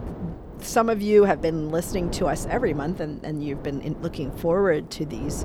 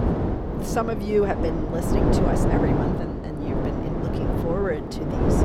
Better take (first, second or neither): first